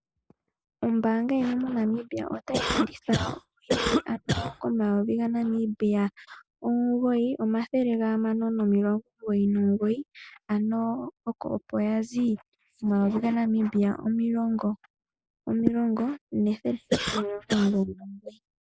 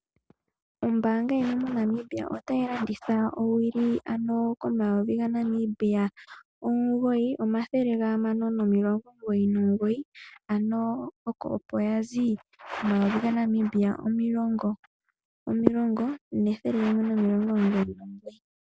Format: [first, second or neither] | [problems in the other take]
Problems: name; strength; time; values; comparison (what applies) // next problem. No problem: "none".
second | noise reduction (neural mask model Resemble Enhance denoiser)